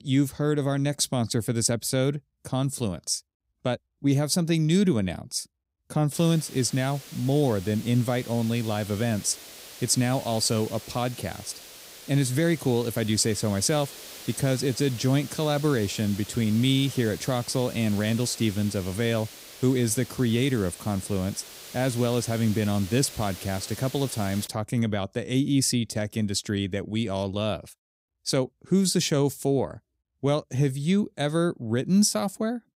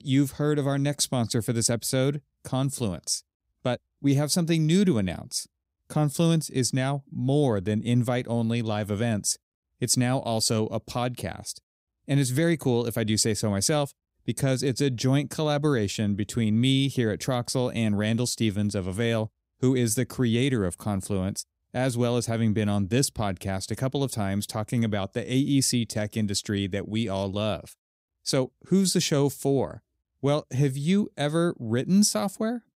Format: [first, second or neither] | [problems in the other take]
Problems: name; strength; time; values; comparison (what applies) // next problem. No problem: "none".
second | hiss; noticeable; from 6 to 24 s; 15 dB below the speech